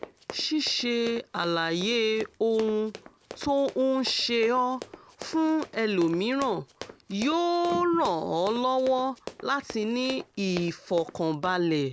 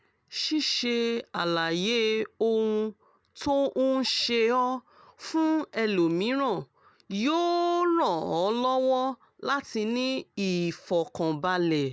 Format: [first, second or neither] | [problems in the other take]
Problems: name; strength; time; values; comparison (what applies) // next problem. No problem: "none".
second | background sound (Run); 17 dB below the speech